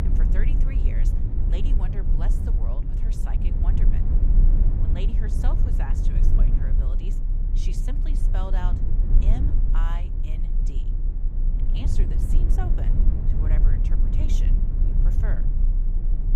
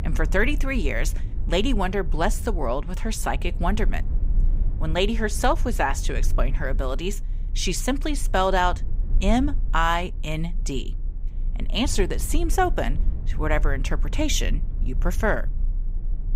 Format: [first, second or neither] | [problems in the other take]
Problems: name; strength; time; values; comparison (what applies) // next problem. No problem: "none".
second | low rumble; loud; throughout; as loud as the speech; faint in the second